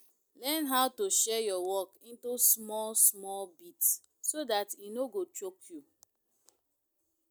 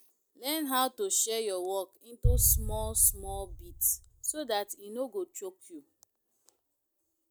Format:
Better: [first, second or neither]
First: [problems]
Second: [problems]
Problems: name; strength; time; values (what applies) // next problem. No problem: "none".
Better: first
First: none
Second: background sound (Boom); 1 dB below the speech